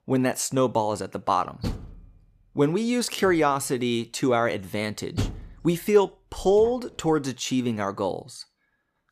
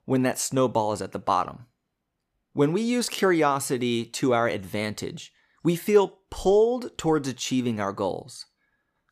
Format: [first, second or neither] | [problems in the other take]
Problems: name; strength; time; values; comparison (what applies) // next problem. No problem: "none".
second | door banging; noticeable; from 1.5 to 6.5 s; peak 6 dB below the speech